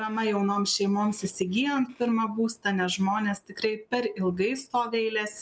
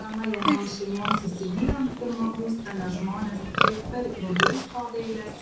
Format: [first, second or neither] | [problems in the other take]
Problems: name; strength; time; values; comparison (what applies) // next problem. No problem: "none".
first | background sound (Livestock, farm animals, working animals); as loud as the speech // room echo; dies away in 0.6 s